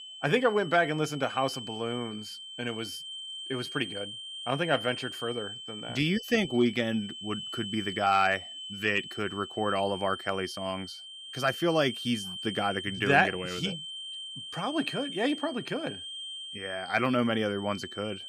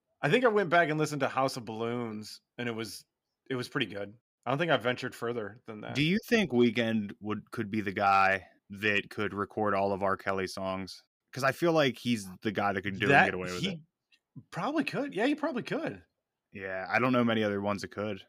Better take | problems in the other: second | high-pitched whine; loud; throughout; 3 kHz, 9 dB below the speech

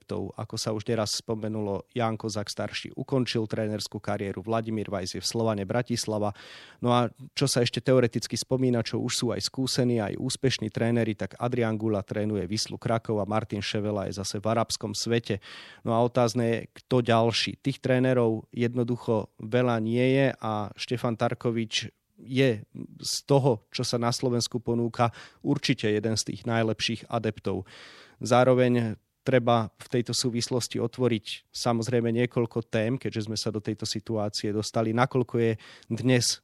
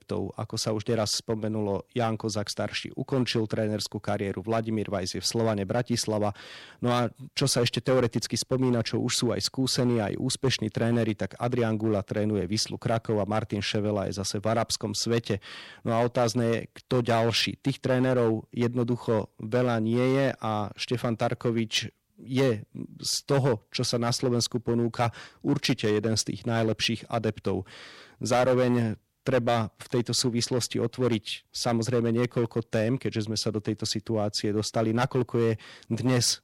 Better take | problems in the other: first | distortion; slight; 4% of the sound clipped

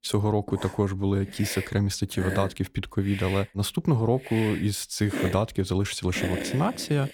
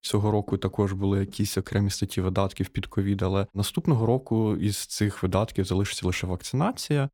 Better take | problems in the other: second | hiss; loud; throughout; 9 dB below the speech

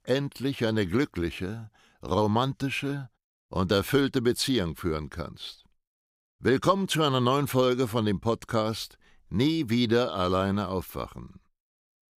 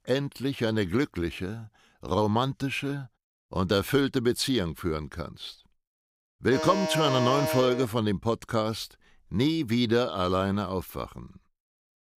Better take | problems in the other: first | alarm; noticeable; from 6.5 to 8 s; peak 1 dB below the speech

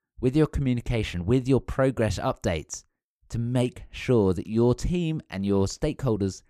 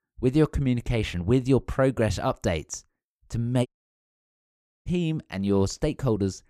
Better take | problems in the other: first | audio cutting out; at 3.5 s for 1 s

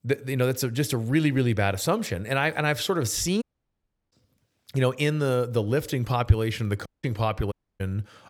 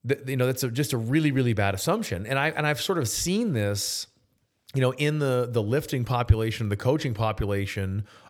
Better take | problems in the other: second | audio cutting out; at 3.5 s for 0.5 s, at 7 s and at 7.5 s

